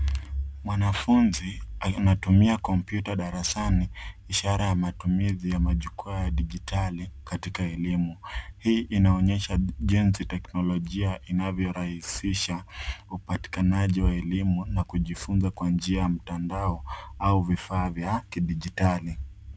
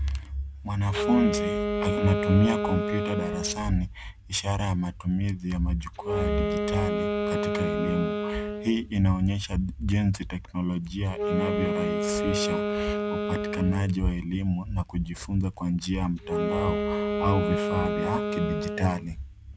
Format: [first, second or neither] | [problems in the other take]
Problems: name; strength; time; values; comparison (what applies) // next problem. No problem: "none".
first | background sound (Wind instrument, woodwind instrument); 2 dB below the speech